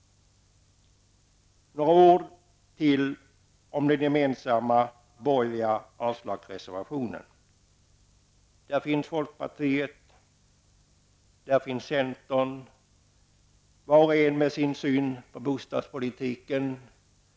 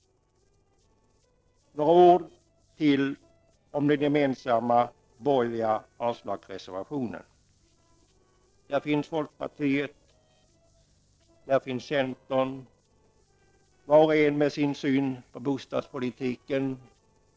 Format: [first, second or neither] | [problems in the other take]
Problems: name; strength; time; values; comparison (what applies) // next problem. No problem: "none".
first | noise reduction (neural separator model SepFormer DNS4)